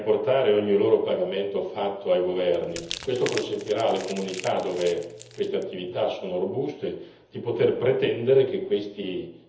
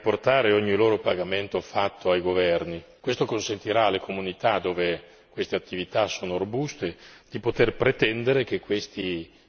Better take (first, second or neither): second